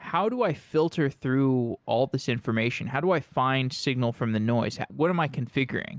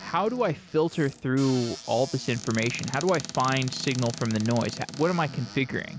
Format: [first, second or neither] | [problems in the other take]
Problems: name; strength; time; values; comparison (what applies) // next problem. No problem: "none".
first | background sound (Squeak / Cupboard open or close); 13 dB below the speech